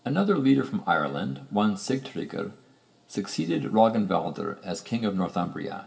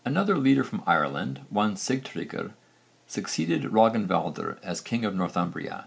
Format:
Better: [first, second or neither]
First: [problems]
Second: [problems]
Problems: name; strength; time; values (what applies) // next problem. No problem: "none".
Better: second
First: room echo; dies away in 0.9 s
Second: none